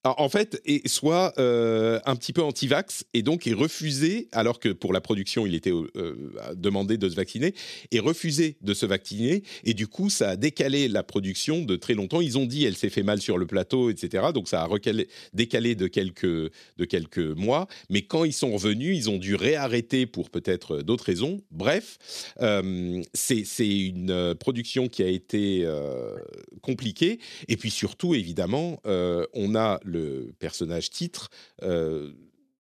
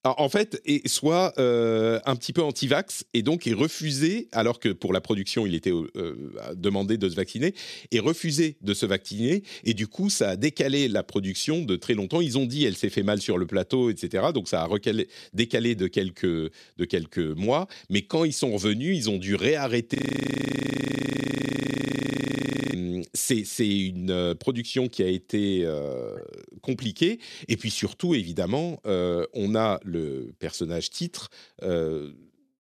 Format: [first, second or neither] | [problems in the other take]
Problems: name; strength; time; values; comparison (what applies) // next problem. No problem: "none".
first | audio freezing; at 20 s for 3 s